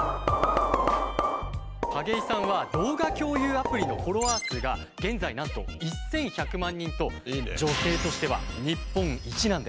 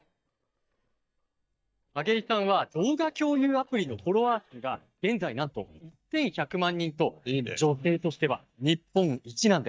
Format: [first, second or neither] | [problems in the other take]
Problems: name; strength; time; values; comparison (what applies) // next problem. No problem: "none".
first | noise reduction (neural mask model DeepFilterNet 3)